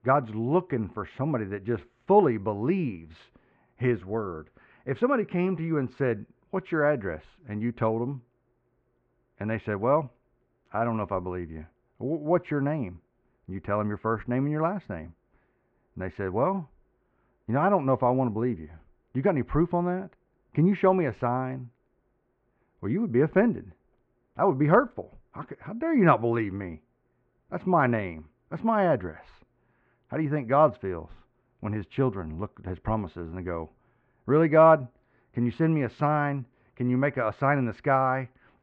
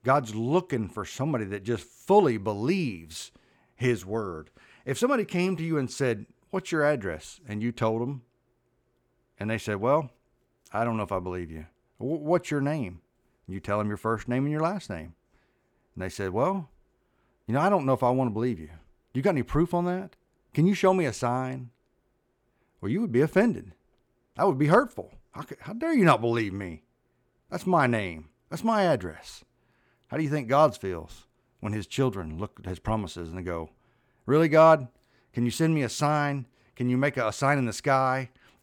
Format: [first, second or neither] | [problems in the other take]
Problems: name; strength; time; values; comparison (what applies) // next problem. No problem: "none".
second | muffled; very; fading above 2 kHz